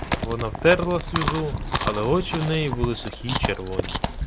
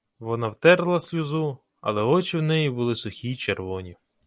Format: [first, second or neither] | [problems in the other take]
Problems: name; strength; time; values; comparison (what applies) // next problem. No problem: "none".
second | background sound (Chewing, mastication); 3 dB below the speech